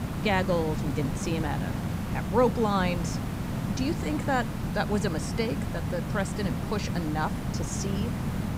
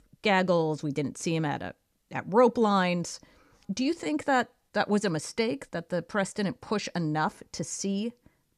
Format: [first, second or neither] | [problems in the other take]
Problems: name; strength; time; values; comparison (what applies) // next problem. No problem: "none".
second | hiss; loud; throughout; 1 dB below the speech